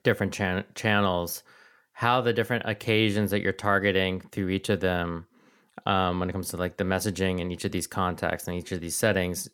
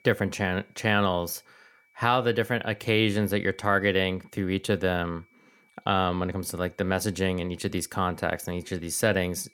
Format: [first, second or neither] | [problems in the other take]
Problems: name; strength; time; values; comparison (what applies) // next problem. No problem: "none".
first | high-pitched whine; faint; throughout; 2.5 kHz, 35 dB below the speech